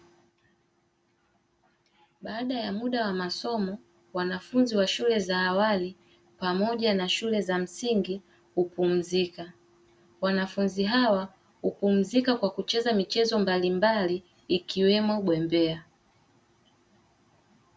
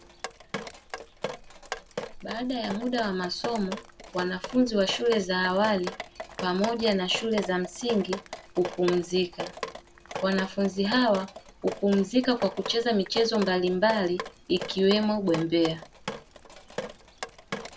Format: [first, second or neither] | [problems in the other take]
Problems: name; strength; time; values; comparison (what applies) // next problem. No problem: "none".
first | background sound (Drip); 11 dB below the speech